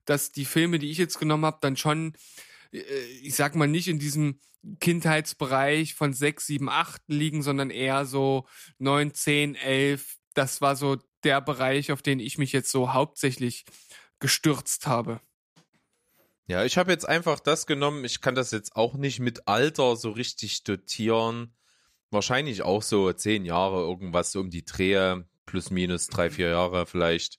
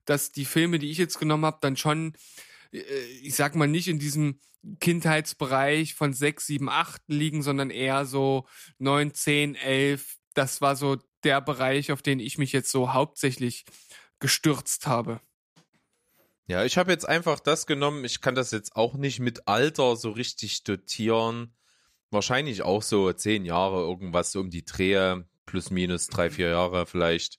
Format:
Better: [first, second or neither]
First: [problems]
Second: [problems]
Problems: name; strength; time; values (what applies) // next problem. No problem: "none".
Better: neither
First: none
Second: none